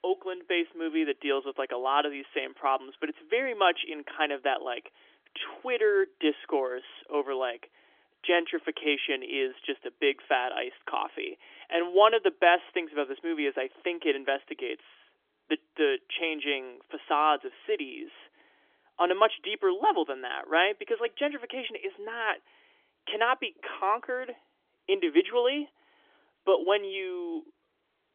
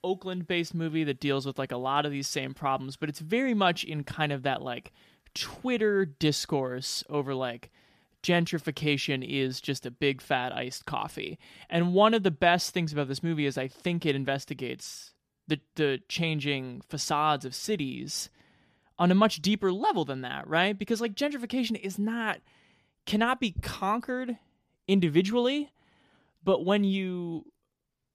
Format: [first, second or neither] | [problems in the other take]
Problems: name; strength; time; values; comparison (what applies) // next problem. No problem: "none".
second | phone-call audio; nothing above 3.5 kHz